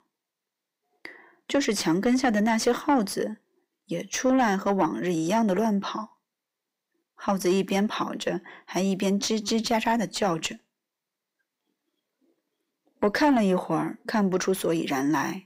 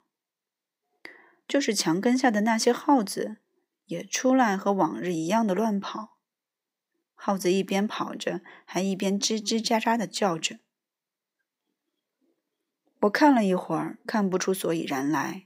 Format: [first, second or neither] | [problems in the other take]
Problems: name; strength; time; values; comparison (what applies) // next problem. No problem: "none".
second | distortion; slight; 10 dB below the speech